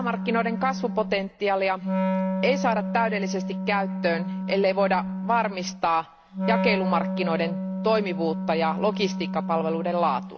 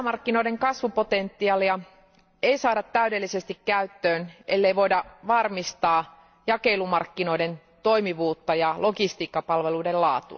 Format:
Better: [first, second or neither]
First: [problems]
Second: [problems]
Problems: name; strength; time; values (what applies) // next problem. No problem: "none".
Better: second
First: background sound (Wind instrument, woodwind instrument); 3 dB below the speech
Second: none